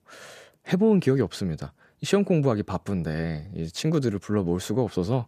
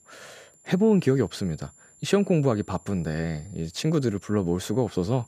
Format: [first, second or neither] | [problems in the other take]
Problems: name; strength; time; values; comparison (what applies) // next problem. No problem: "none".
first | high-pitched whine; faint; throughout; 7.5 kHz, 25 dB below the speech